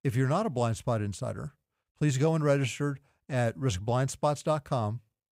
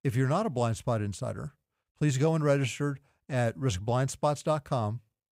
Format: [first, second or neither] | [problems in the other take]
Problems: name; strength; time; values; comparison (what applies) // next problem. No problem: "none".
neither | none